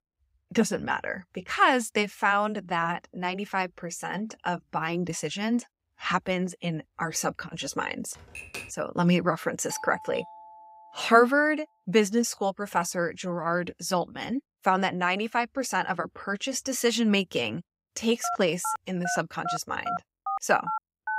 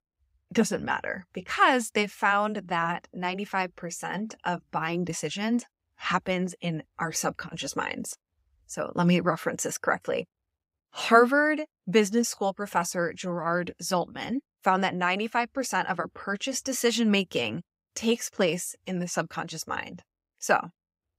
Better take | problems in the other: second | keyboard typing; faint; at 8 s; peak 10 dB below the speech // doorbell; faint; from 9.5 to 11 s; peak 15 dB below the speech // phone ringing; noticeable; from 18 s on; peak 6 dB below the speech

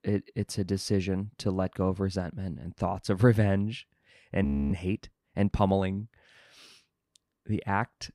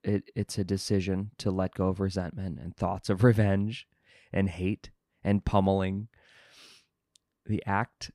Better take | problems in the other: second | audio freezing; at 4.5 s

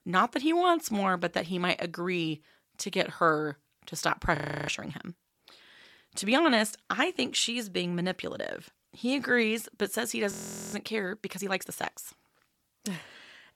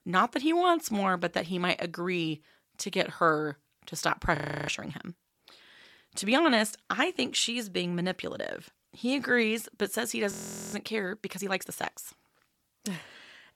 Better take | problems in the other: neither | audio freezing; at 4.5 s and at 10 s; the same in both

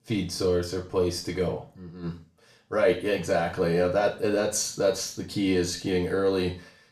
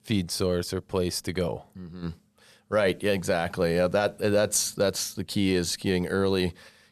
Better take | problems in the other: second | room echo; slight; dies away in 0.4 s // off-mic speech; far

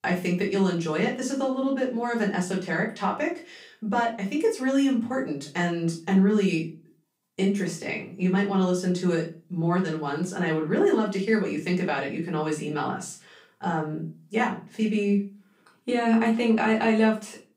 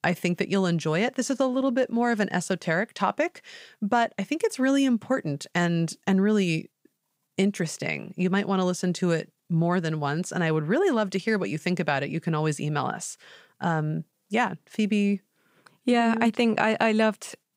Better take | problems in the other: second | off-mic speech; far // room echo; slight; dies away in 0.3 s

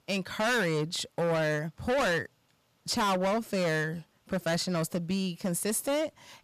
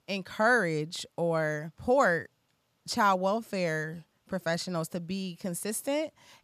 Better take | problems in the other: second | distortion; heavy; 17% of the sound clipped

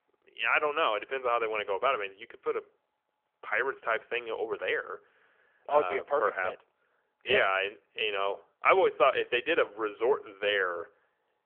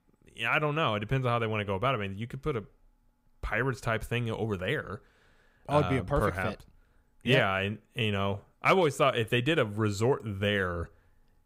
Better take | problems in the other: second | phone-call audio; nothing above 3 kHz

